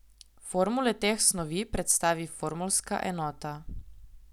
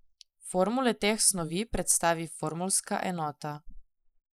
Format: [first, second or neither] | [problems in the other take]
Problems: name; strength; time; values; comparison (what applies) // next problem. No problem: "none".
first | noise reduction (neural mask model Resemble Enhance denoiser)